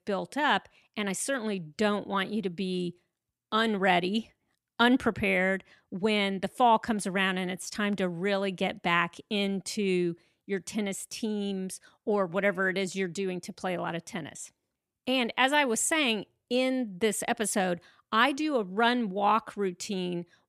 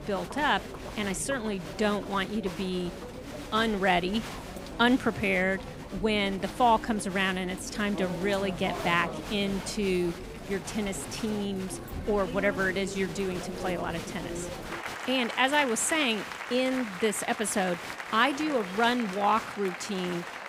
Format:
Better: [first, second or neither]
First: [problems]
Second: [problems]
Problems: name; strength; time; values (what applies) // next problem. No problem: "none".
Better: first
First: none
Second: crowd noise; loud; throughout; 10 dB below the speech